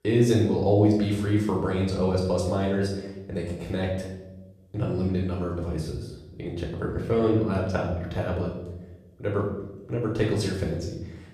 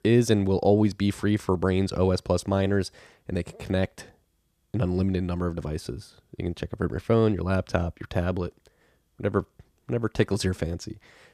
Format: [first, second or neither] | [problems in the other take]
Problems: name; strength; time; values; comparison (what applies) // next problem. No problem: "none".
second | off-mic speech; far // room echo; noticeable; dies away in 0.8 s